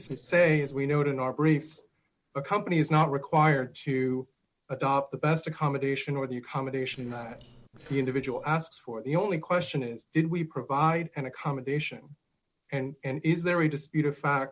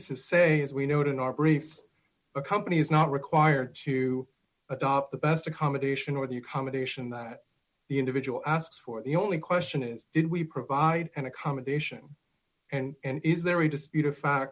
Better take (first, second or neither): second